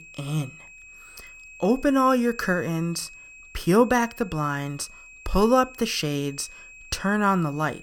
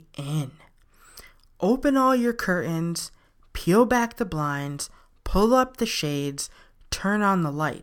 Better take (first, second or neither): second